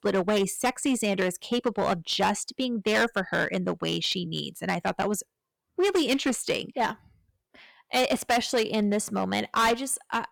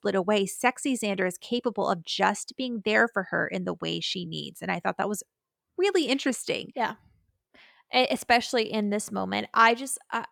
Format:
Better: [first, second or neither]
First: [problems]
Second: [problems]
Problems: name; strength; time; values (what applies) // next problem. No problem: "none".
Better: second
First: distortion; heavy; 7% of the sound clipped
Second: none